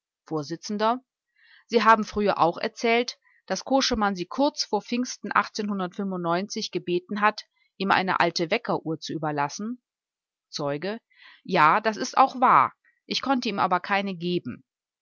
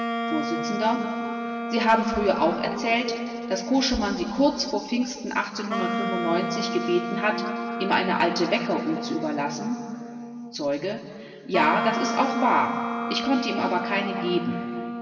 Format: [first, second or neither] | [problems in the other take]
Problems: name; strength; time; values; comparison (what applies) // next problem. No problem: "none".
first | background sound (Wind instrument, woodwind instrument); 5 dB below the speech // room echo; dies away in 2.5 s